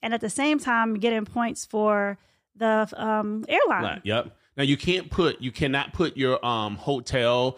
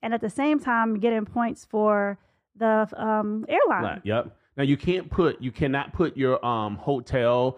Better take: first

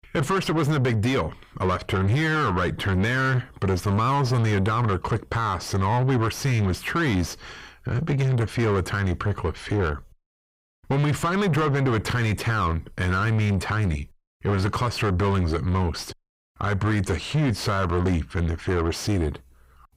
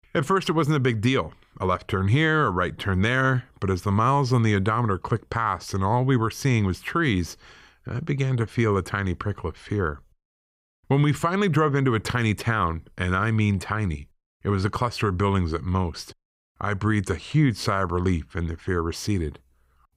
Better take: second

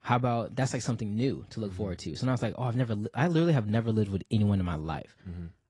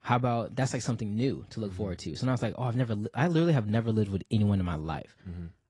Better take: neither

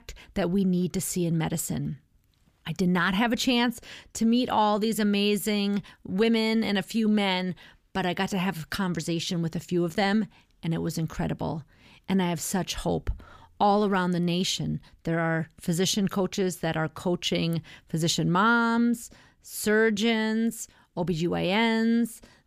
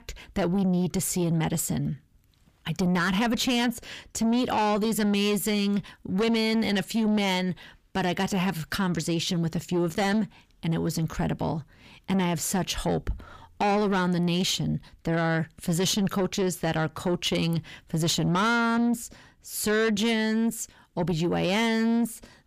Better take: first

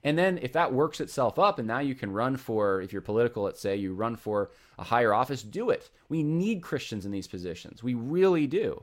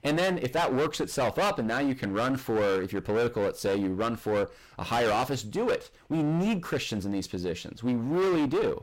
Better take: first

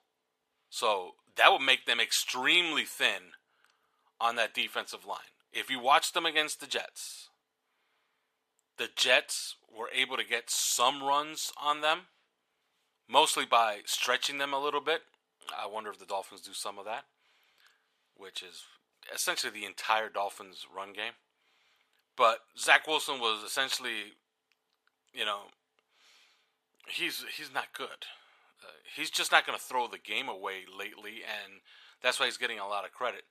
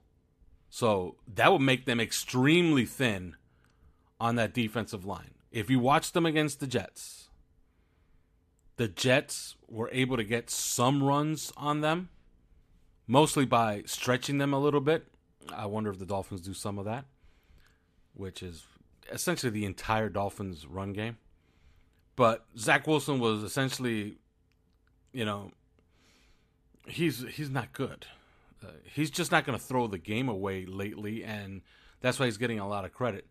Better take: second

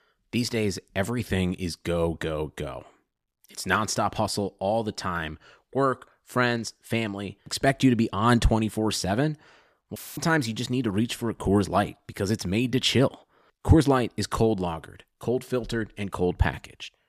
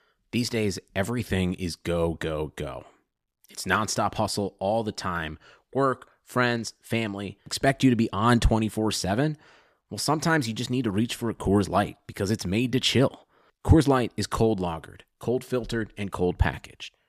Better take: second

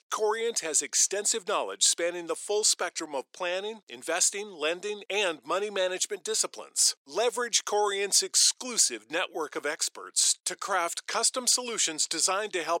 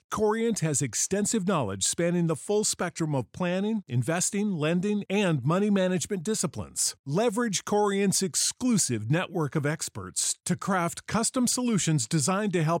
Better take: second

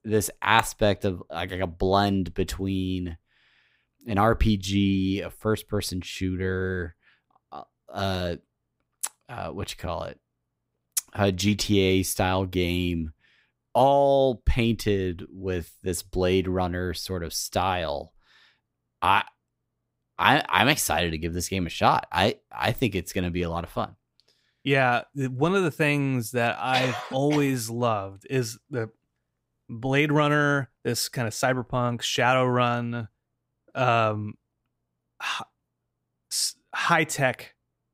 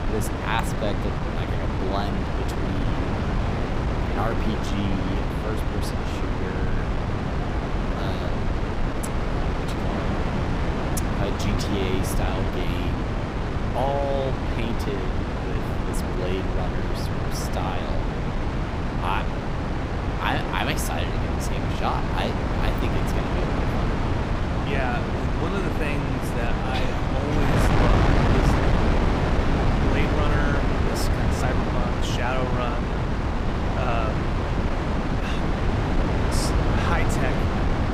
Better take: first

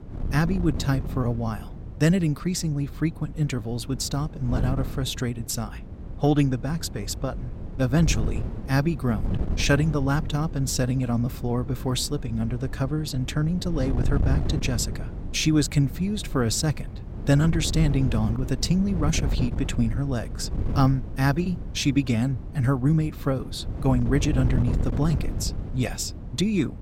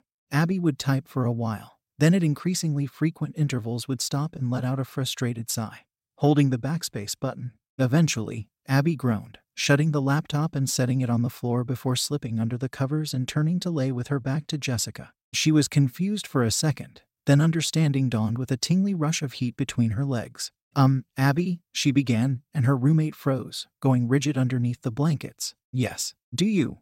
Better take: second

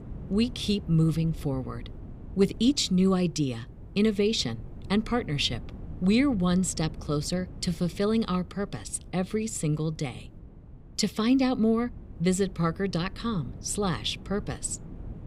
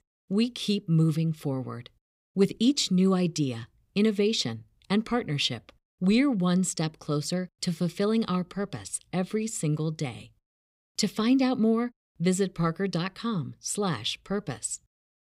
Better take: second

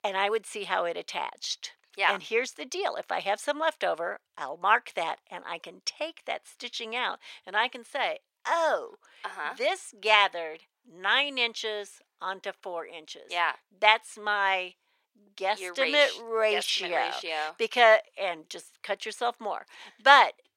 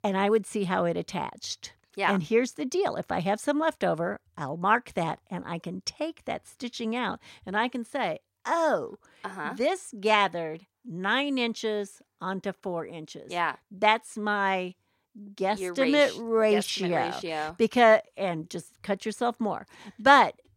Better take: second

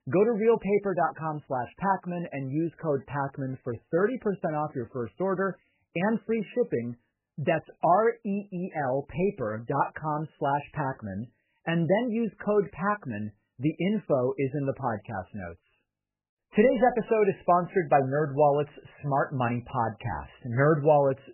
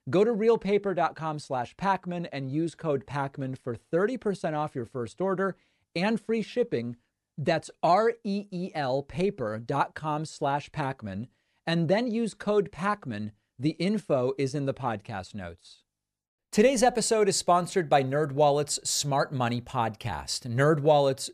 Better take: second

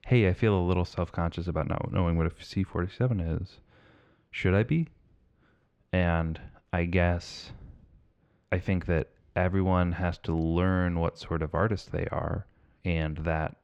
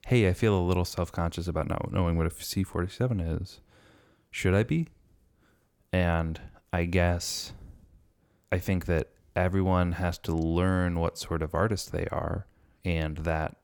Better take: second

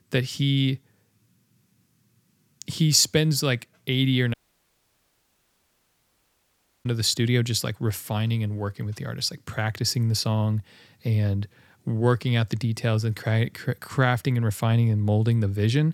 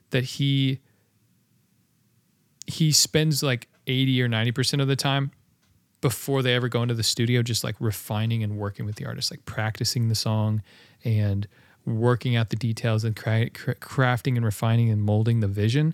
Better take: second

